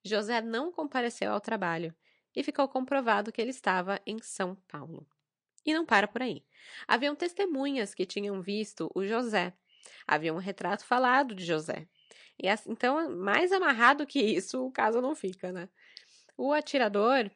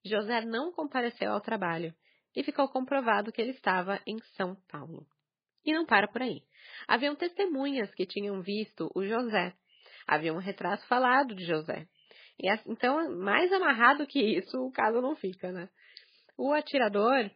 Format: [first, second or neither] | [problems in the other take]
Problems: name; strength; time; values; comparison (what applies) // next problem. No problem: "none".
first | garbled, watery; badly; nothing above 5 kHz; slightly in the first